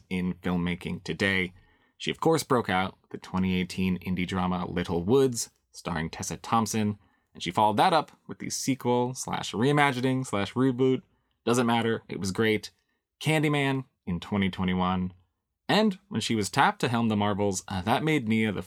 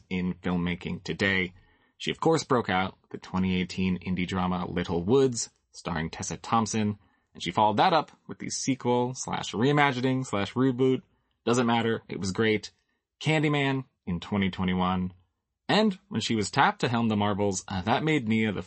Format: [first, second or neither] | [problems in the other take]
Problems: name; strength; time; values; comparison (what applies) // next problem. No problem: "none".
first | garbled, watery; slightly; nothing above 8 kHz